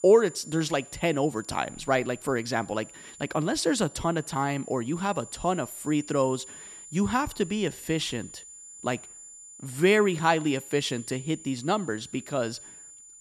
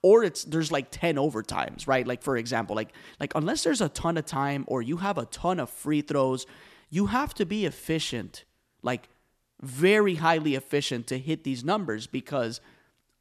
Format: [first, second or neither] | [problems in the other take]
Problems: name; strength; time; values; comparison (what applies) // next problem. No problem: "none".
second | high-pitched whine; noticeable; throughout; 7 kHz, 15 dB below the speech